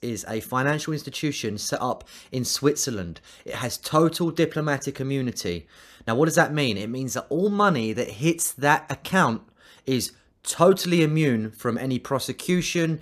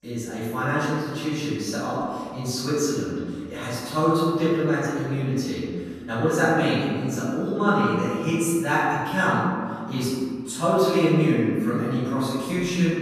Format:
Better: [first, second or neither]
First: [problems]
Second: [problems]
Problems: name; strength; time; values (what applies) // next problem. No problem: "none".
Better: first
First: none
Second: off-mic speech; far // room echo; strong; dies away in 2 s